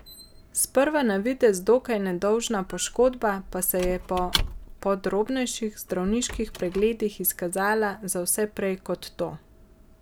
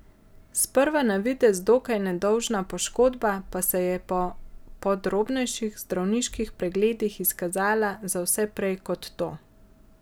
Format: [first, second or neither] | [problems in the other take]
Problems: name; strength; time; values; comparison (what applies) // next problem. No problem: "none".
second | background sound (Squeak / Wood); 14 dB below the speech